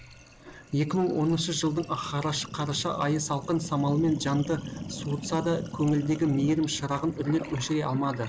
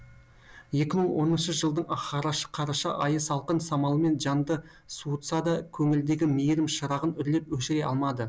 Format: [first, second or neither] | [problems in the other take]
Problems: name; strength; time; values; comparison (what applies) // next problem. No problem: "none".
second | background sound (Sink (filling or washing)); 12 dB below the speech